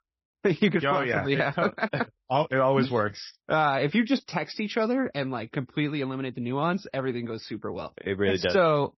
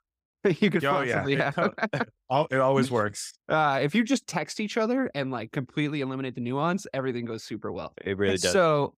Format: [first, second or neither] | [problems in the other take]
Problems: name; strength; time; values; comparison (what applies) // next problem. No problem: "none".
second | garbled, watery; slightly; nothing above 5.5 kHz